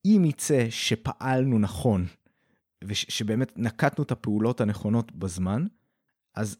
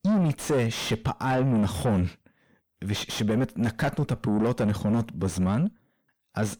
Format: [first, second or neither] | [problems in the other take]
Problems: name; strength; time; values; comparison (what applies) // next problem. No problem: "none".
first | distortion; heavy; 6 dB below the speech